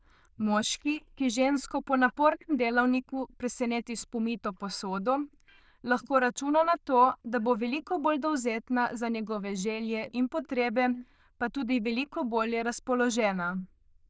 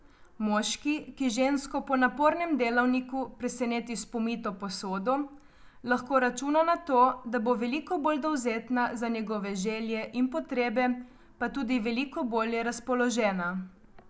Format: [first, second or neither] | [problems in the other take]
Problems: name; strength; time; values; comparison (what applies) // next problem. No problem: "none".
second | noise reduction (neural diffusion model UNIVERSE++)